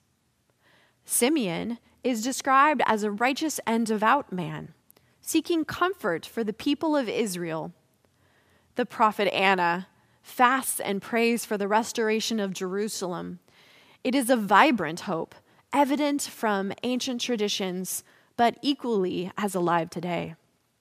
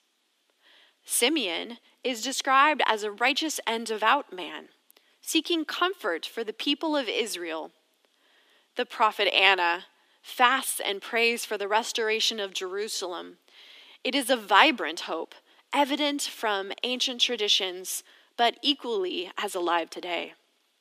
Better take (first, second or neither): first